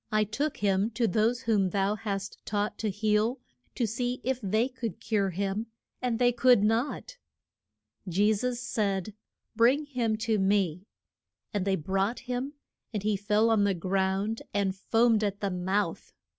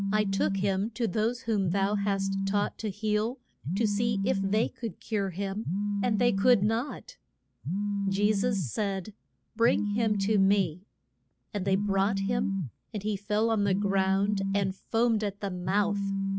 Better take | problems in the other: first | background sound (Telephone); 2 dB below the speech

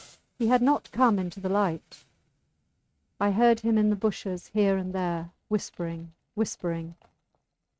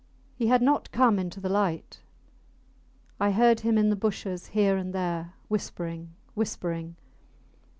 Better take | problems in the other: second | noise reduction (neural mask model RNNoise)

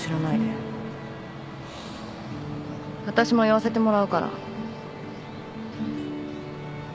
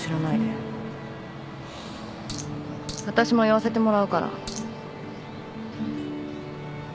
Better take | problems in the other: first | background sound (Coin (dropping)); 13 dB below the speech

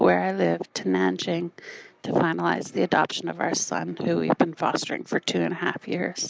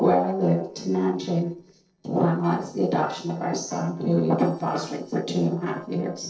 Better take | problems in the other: first | noise reduction (neural separator model SepFormer DNS4)

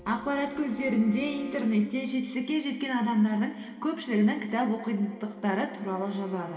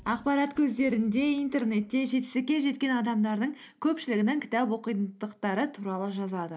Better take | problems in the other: second | background sound (Bowed string instrument); 20 dB below the speech // room echo; dies away in 2.2 s

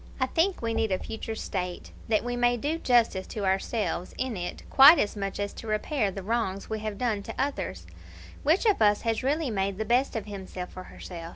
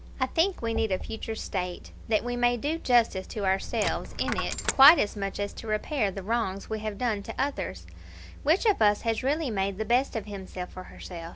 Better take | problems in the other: first | background sound (Coin (dropping)); 9 dB below the speech

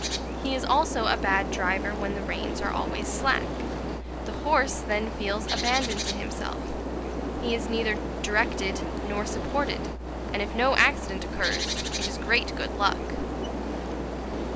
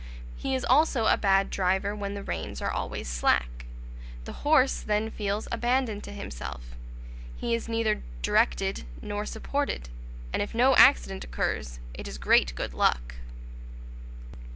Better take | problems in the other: second | background sound (Bird); 3 dB below the speech

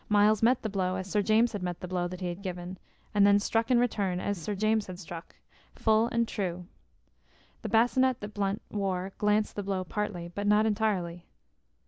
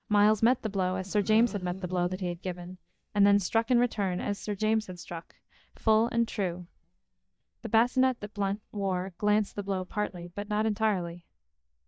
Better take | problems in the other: first | noise reduction (neural mask model DeepFilterNet 3)

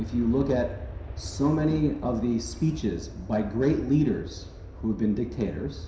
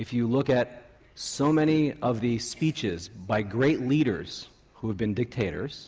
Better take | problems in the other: second | background sound (Aircraft); 11 dB below the speech // room echo; dies away in 0.7 s

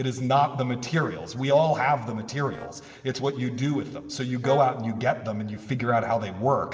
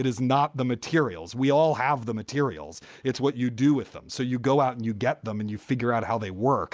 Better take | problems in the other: second | noise reduction (neural separator model SepFormer DNS4)

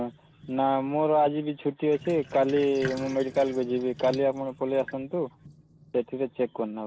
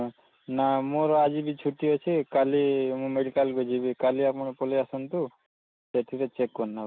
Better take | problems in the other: second | background sound (Sink (filling or washing)); 18 dB below the speech

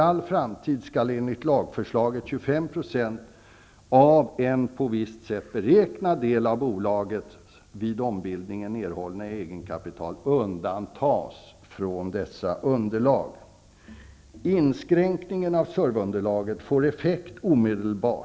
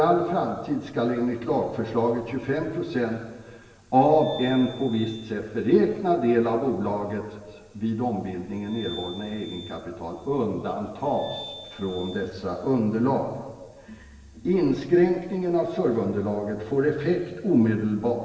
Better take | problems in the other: first | background sound (Glass); 19 dB below the speech // room echo; dies away in 1.3 s

